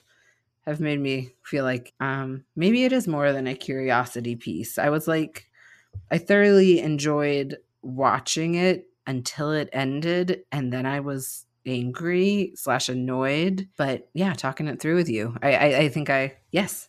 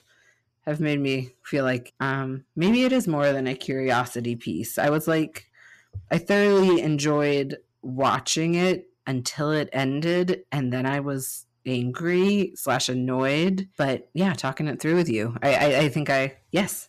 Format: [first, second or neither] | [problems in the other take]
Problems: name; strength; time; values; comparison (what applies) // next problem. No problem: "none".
first | distortion; slight; 4% of the sound clipped